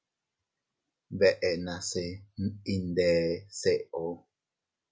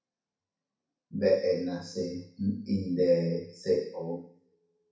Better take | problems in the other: first | room echo; dies away in 0.6 s

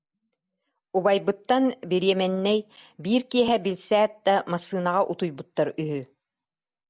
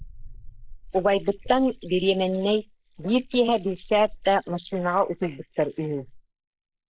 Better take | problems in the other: first | noise reduction (neural mask model Resemble Enhance denoiser)

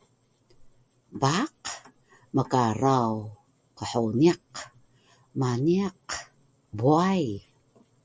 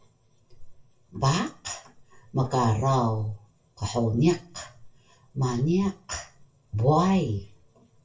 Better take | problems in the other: first | room echo; dies away in 0.3 s

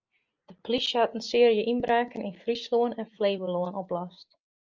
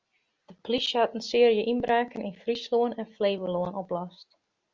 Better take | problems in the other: second | noise reduction (neural mask model Resemble Enhance denoiser)

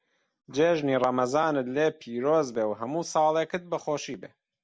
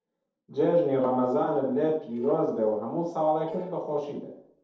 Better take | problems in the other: first | noise reduction (neural separator model SepFormer DNS4)

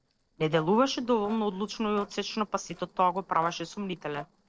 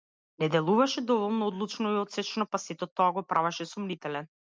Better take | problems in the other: second | noise reduction (neural separator model SepFormer DNS4)

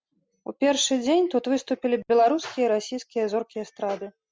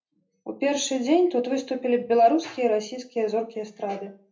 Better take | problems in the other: first | room echo; dies away in 0.3 s

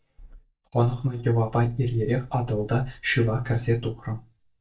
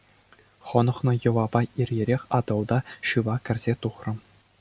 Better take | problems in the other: second | noise reduction (neural mask model DeepFilterNet 3)

